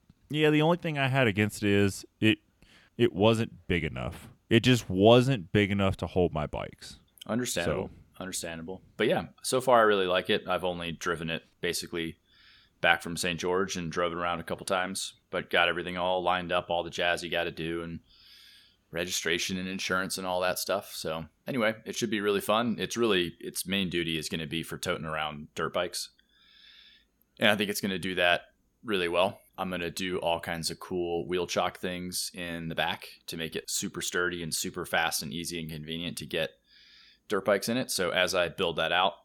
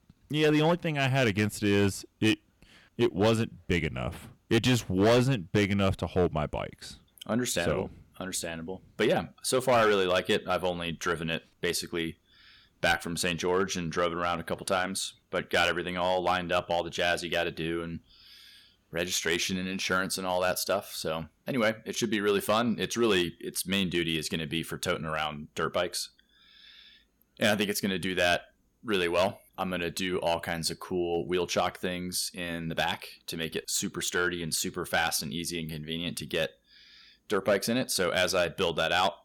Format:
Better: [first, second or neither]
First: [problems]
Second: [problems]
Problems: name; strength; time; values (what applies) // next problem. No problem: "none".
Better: first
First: none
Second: distortion; slight; 2% of the sound clipped